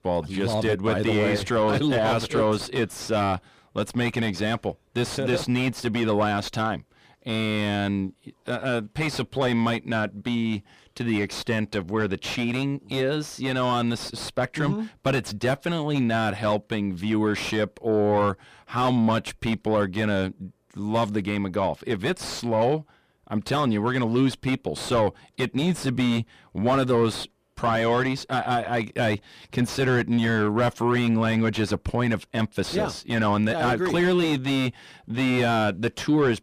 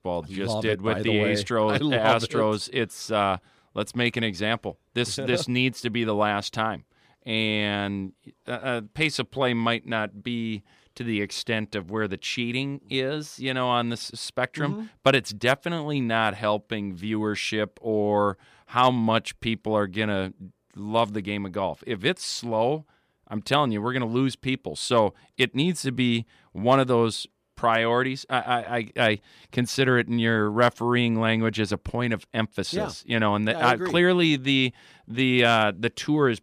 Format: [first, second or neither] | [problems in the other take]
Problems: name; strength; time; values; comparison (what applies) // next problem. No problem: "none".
second | distortion; heavy; 6 dB below the speech